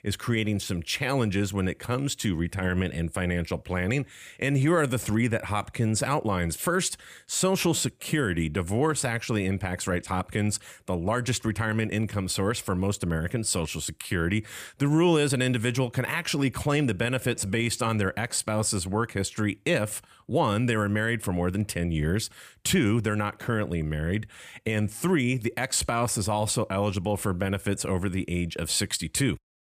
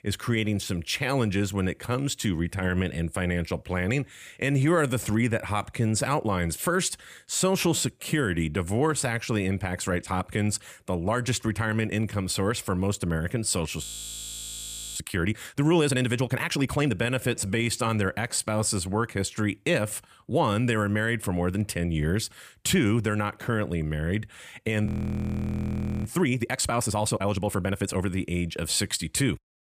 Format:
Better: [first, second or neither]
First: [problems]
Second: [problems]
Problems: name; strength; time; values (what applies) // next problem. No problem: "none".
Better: first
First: none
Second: audio freezing; at 14 s for 1 s and at 25 s for 1 s